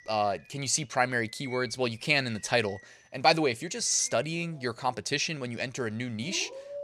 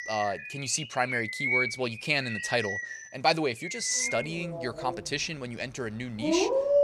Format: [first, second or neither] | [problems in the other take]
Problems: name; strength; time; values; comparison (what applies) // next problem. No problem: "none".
first | animal sounds; loud; throughout; 2 dB below the speech; faint in the first